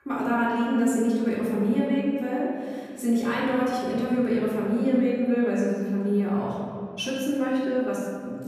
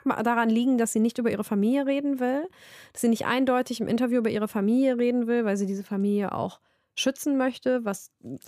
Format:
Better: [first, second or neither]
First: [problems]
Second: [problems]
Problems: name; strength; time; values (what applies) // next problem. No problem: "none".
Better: second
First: off-mic speech; far // room echo; strong; dies away in 2.1 s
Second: none